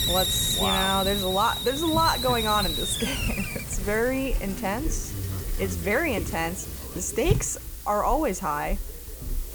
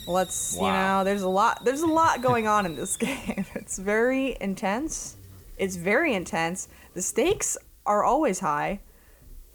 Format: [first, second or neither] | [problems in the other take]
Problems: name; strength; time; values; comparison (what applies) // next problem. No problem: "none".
second | hiss; loud; throughout; 2 dB below the speech; faint in the second